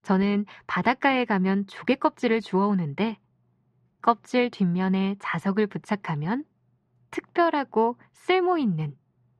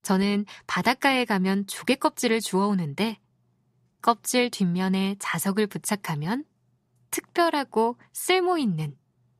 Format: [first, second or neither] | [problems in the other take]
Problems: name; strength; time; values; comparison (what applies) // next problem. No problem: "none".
second | muffled; slightly; fading above 2.5 kHz